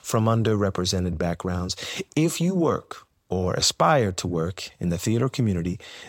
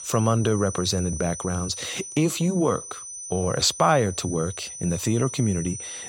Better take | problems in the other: first | high-pitched whine; loud; throughout; 6 kHz, 10 dB below the speech

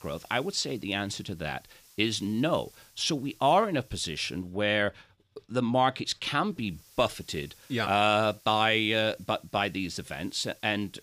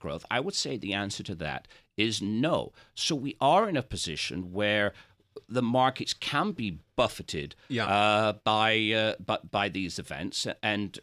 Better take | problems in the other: second | hiss; faint; until 4.5 s and from 6.5 s on; 25 dB below the speech

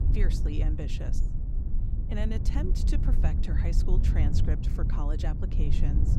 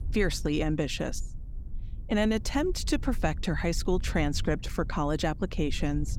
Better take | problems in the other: second | low rumble; loud; throughout; 3 dB below the speech; faint in the second

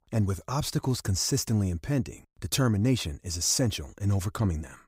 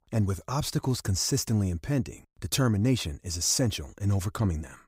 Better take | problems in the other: neither | none

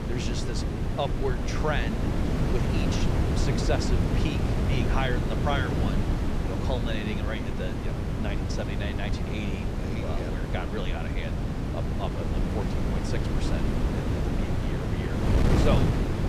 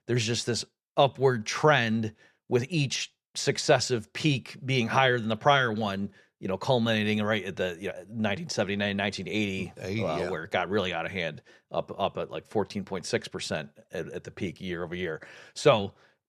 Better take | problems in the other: second | wind noise on the microphone; heavy; as loud as the speech

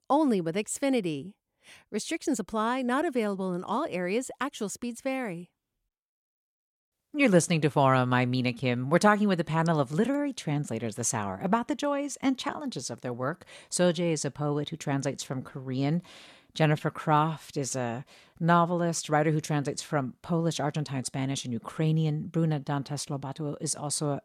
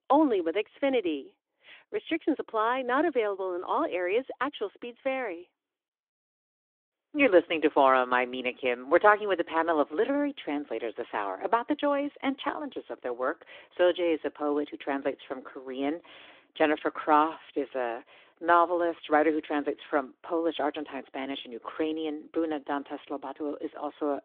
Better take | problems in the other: first | phone-call audio; nothing above 3.5 kHz

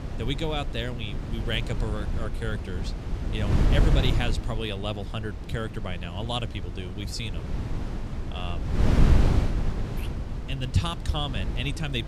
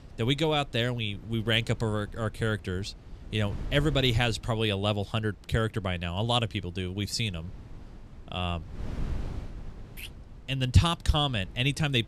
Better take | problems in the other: second | wind noise on the microphone; heavy; 5 dB below the speech; occasional gusts in the second

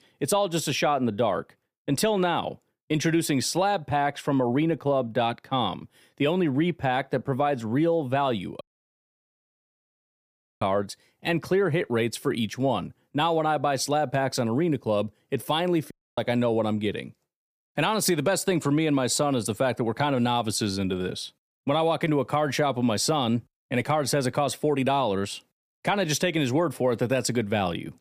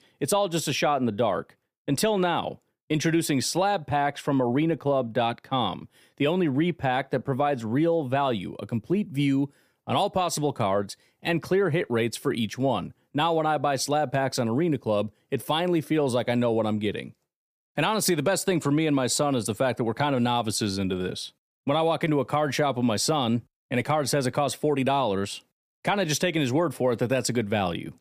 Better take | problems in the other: second | audio cutting out; at 8.5 s for 2 s and at 16 s

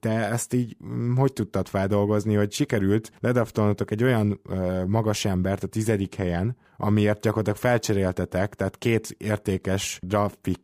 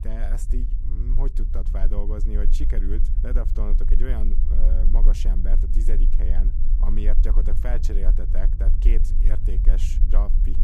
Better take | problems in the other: first | low rumble; loud; throughout; 7 dB below the speech

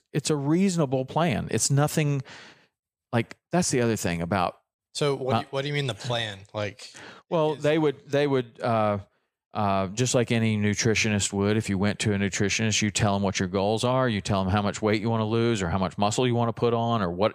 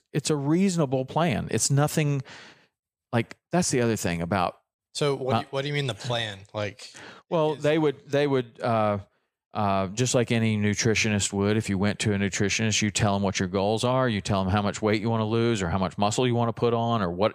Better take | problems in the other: neither | none

